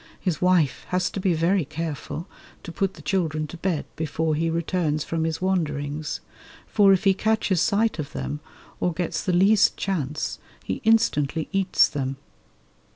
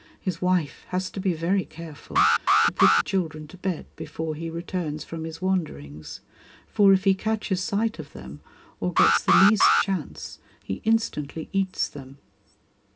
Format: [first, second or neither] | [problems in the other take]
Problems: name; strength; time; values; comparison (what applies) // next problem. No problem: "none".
first | background sound (Alarm); 3 dB above the speech // room echo; dies away in 0.3 s